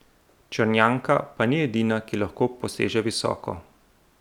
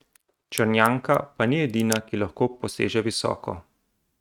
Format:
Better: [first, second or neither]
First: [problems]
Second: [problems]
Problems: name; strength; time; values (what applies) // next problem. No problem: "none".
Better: first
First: none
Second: noise reduction (neural mask model RNNoise)